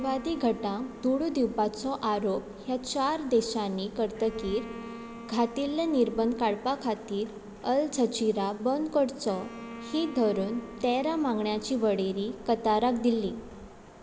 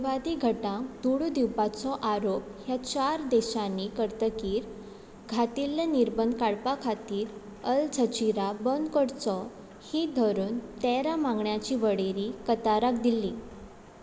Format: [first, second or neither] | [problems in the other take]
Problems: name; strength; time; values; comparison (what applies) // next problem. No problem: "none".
second | background sound (Bowed string instrument); 19 dB below the speech